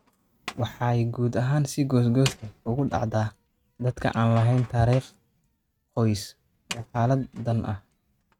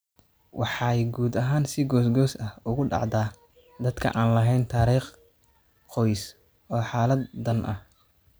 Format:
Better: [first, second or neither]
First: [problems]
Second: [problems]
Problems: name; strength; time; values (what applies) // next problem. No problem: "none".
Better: second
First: noise reduction (neural mask model RNNoise)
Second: none